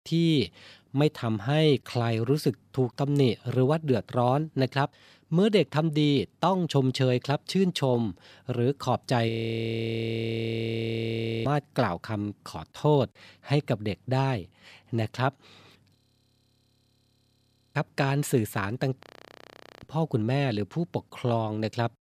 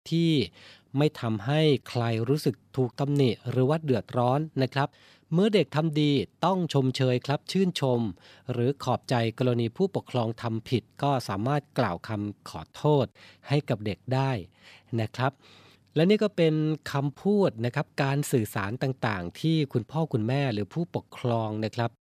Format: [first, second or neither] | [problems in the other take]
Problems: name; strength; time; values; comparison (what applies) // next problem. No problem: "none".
second | audio freezing; at 9.5 s for 2 s, at 16 s for 2 s and at 19 s for 1 s